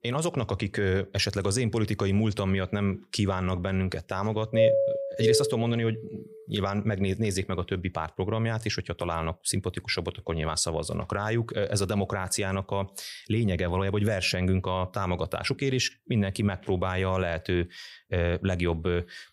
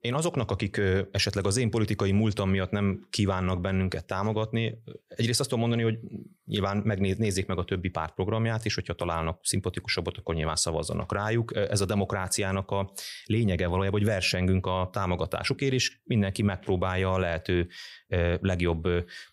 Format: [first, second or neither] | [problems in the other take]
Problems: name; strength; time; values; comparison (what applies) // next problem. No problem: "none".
second | doorbell; loud; from 4.5 to 5.5 s; peak 6 dB above the speech